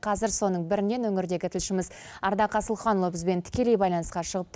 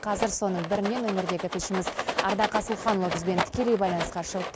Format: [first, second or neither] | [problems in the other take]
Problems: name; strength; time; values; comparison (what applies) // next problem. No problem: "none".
first | background sound (Rattle); 5 dB below the speech